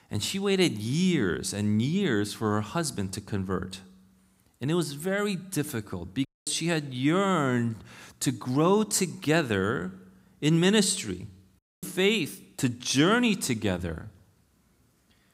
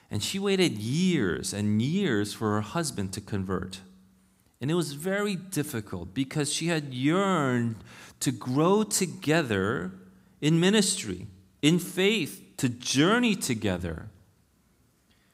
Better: second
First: audio cutting out; at 6.5 s and at 12 s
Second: none

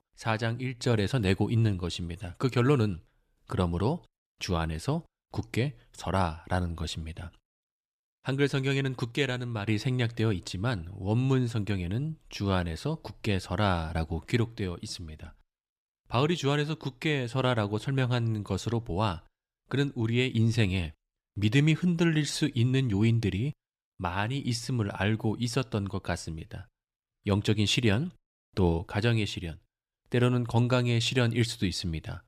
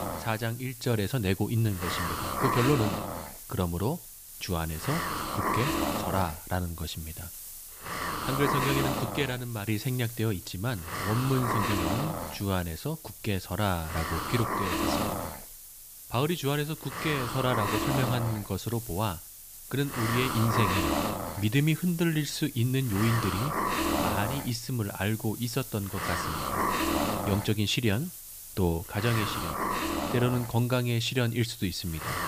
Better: first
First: none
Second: hiss; loud; throughout; 3 dB below the speech

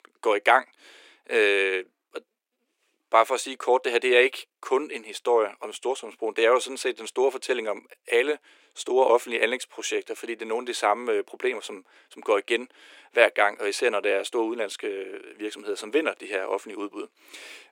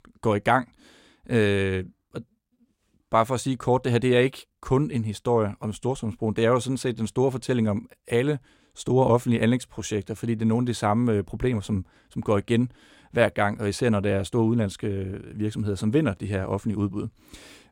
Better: second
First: thin; very; fading below 350 Hz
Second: none

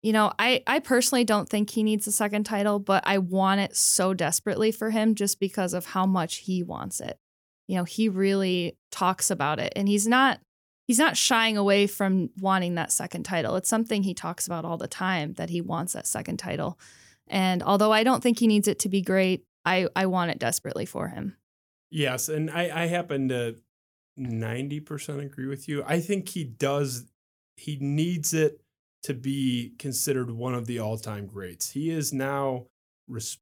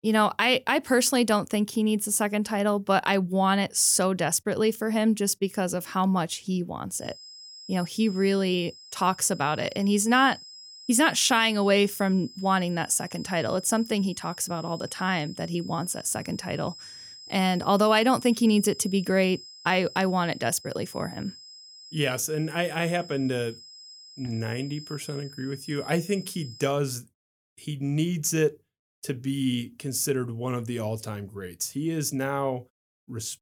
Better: first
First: none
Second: high-pitched whine; noticeable; from 7 to 27 s; 5 kHz, 20 dB below the speech

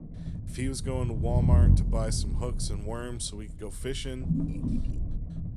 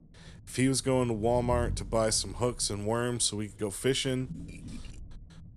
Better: second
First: low rumble; loud; throughout; 4 dB below the speech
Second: low rumble; faint; throughout; 25 dB below the speech

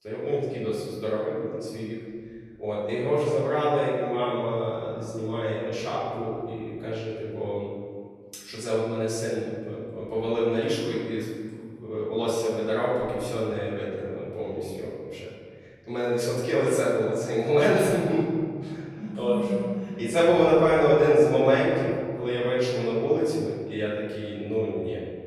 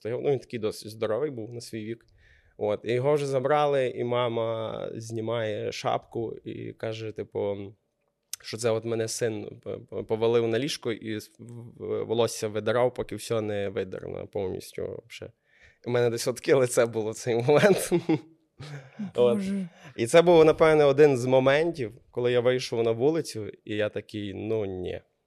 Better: second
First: off-mic speech; far // room echo; strong; dies away in 1.9 s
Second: none

